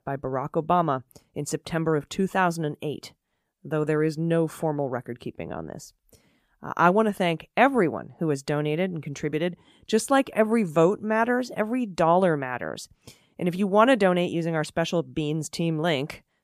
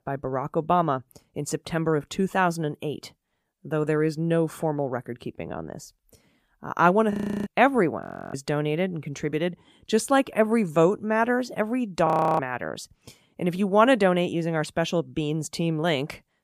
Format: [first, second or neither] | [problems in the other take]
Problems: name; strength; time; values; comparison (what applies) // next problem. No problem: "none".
first | audio freezing; at 7 s, at 8 s and at 12 s